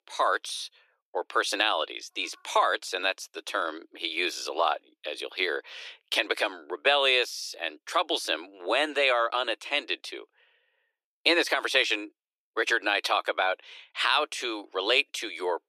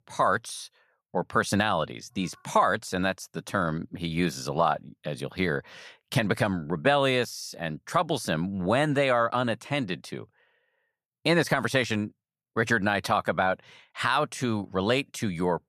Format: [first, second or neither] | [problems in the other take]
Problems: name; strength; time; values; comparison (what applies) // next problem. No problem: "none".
second | thin; very; fading below 300 Hz